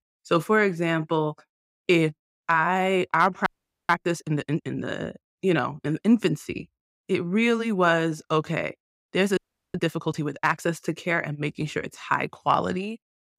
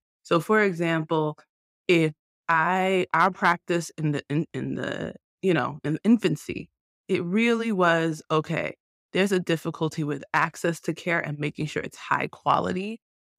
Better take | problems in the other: second | audio freezing; at 3.5 s and at 9.5 s

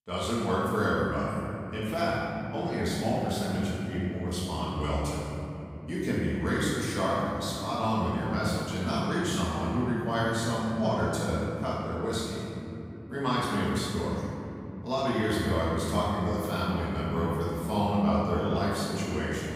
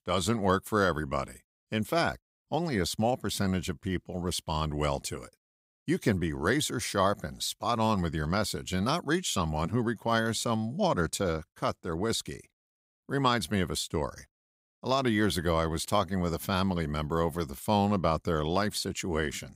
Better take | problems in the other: second | room echo; strong; dies away in 3 s // off-mic speech; far

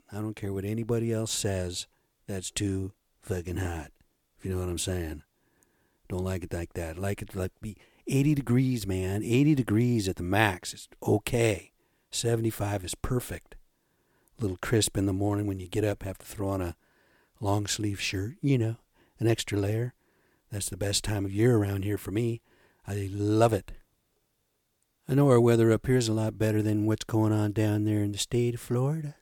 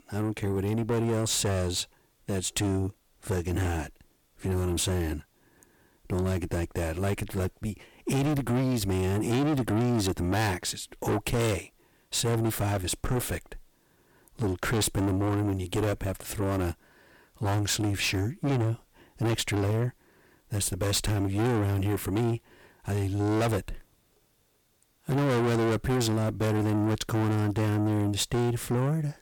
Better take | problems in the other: first | distortion; heavy; 6 dB below the speech

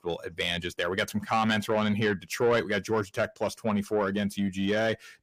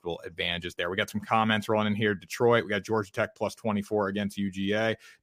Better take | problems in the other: second | distortion; slight; 10 dB below the speech

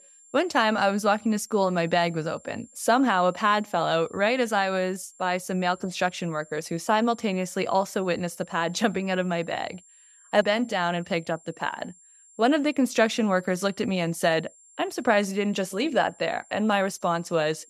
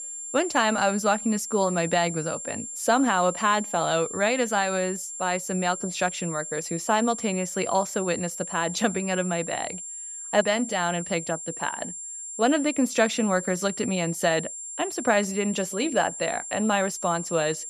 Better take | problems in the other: first | high-pitched whine; loud; throughout; 7.5 kHz, 8 dB below the speech; faint in the first

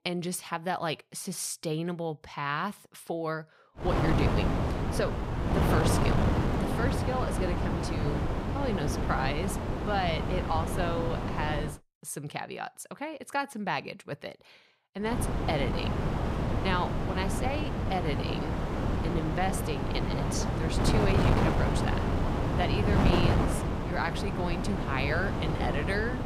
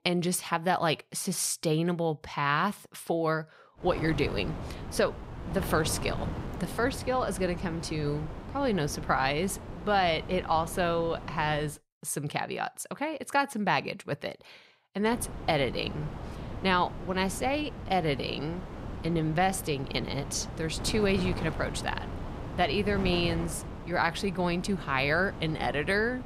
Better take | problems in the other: second | wind noise on the microphone; heavy; from 4 to 12 s and from 15 s on; as loud as the speech; occasional gusts in the second

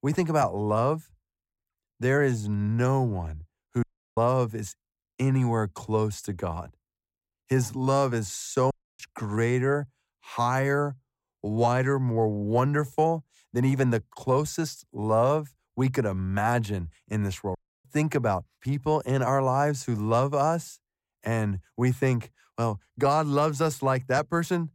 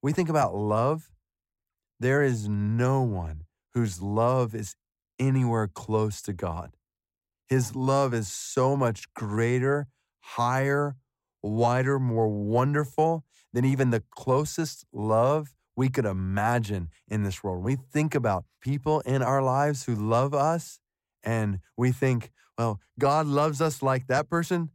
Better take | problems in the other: second | audio cutting out; at 4 s, at 8.5 s and at 18 s

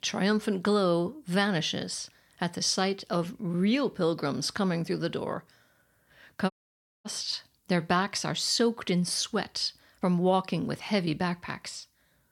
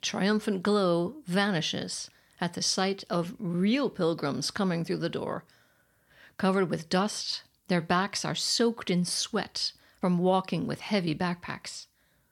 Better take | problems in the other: second | audio cutting out; at 6.5 s for 0.5 s

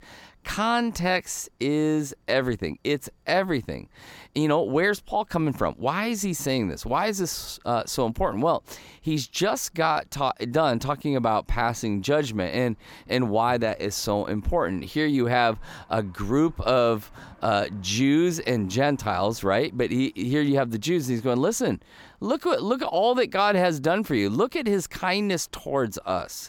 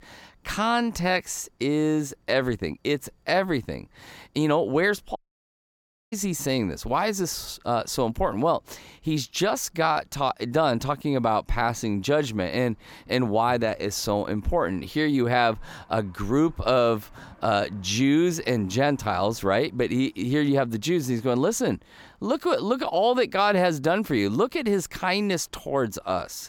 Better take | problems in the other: first | audio cutting out; at 5 s for 1 s

